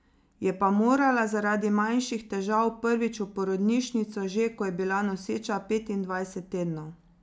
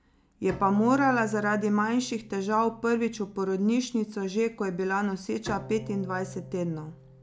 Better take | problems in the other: first | background sound (Bowed string instrument); 17 dB below the speech

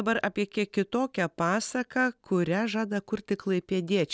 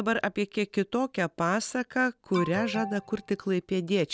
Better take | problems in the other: first | background sound (Alarm); 11 dB below the speech

